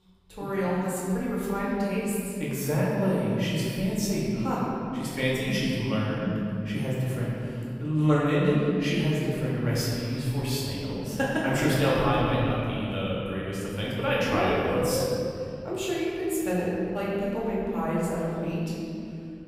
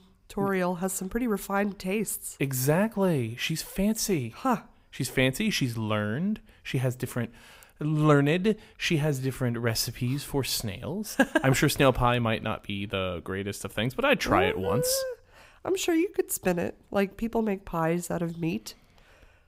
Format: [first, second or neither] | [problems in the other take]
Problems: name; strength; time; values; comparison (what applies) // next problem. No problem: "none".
second | room echo; strong; dies away in 2.6 s // off-mic speech; far